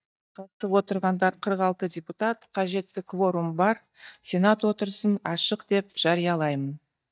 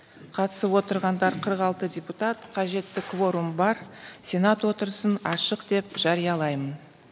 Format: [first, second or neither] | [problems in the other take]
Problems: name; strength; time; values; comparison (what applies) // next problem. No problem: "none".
second | noise reduction (neural mask model DeepFilterNet 3)